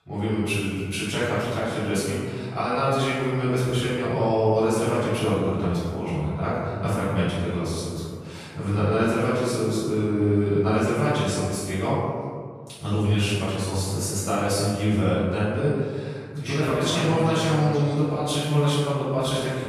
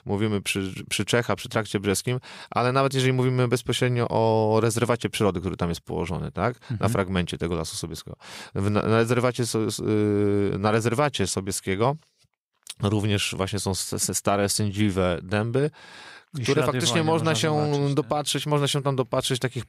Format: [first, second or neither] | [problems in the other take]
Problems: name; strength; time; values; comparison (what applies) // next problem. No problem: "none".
second | off-mic speech; far // room echo; strong; dies away in 1.6 s